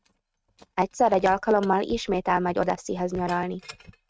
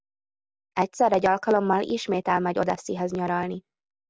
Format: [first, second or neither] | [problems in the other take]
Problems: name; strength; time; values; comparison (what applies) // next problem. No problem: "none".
second | noise reduction (neural mask model RNNoise)